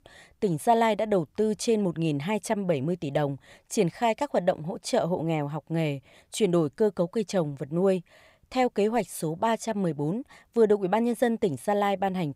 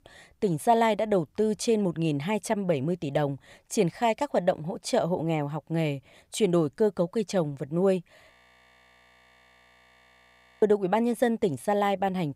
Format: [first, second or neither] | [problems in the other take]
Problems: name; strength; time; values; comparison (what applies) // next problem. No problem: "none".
first | audio freezing; at 8.5 s for 2.5 s